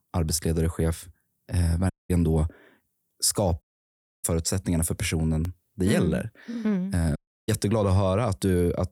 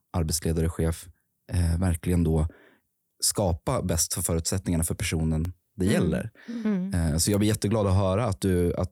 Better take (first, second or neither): second